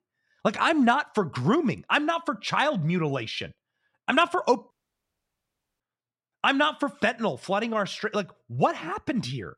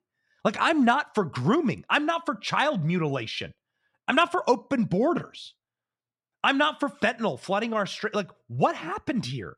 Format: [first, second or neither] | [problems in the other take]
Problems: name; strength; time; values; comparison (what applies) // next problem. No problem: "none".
second | audio cutting out; at 4.5 s for 1 s